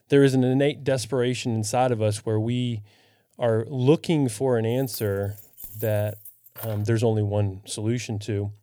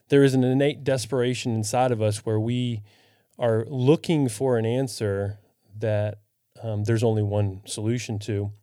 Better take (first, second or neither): second